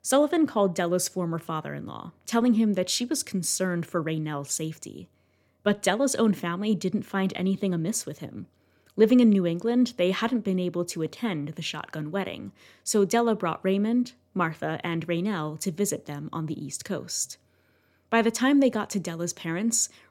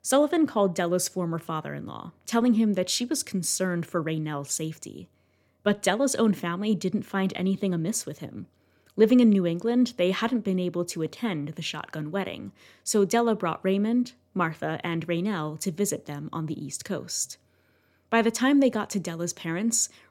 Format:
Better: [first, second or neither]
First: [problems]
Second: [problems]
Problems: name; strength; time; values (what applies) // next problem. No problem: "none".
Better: neither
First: none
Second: none